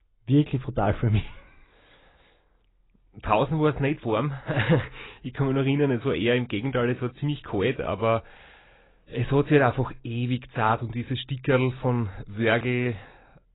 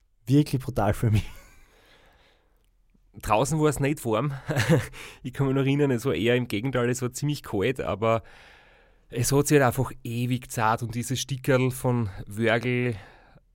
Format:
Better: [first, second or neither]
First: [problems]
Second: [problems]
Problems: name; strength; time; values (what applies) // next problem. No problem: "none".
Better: second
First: garbled, watery; badly; nothing above 4 kHz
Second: none